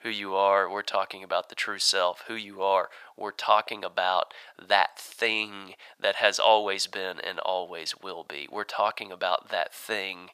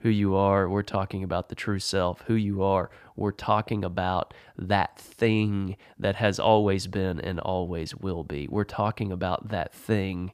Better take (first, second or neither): second